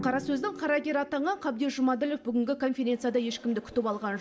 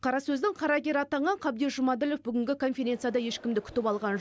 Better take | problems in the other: second | background sound (Drum); 17 dB below the speech // room echo; dies away in 1.3 s

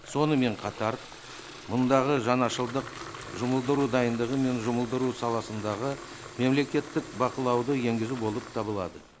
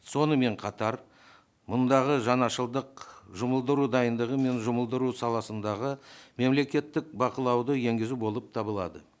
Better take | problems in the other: second | background sound (Fill (with liquid) / Water tap, faucet); 14 dB below the speech

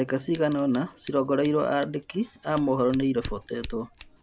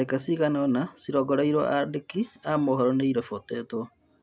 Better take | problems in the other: second | background sound (Scissors); 17 dB below the speech

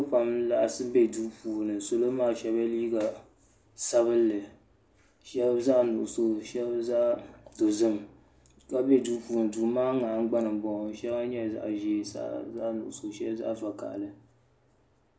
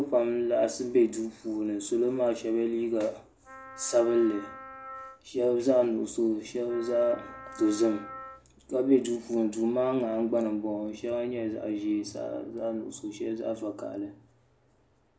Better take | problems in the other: first | background sound (Wind instrument, woodwind instrument); 17 dB below the speech

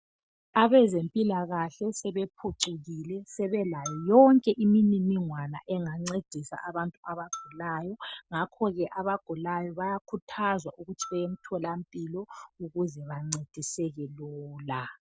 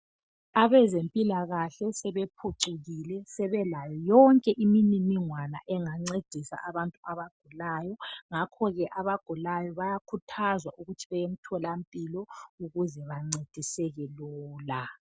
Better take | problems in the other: second | background sound (Marimba, xylophone); 20 dB below the speech

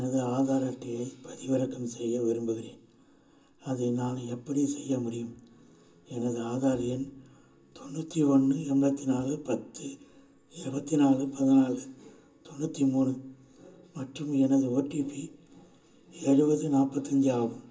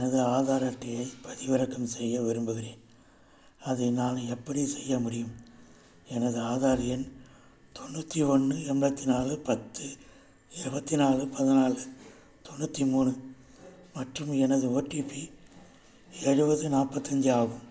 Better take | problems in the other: second | room echo; dies away in 0.2 s

